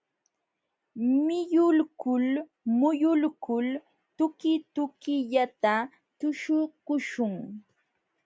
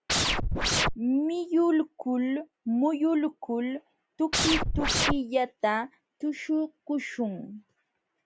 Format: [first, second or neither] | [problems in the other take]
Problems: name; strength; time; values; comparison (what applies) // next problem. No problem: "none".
first | background sound (Scratching (performance technique)); 3 dB above the speech